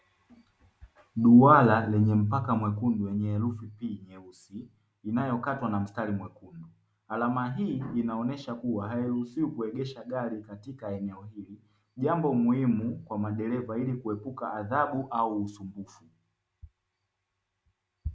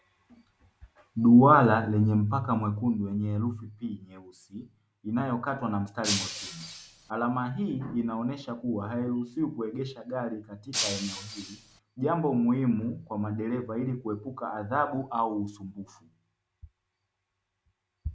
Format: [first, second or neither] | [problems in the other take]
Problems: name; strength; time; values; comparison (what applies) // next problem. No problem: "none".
first | background sound (Shatter); 6 dB below the speech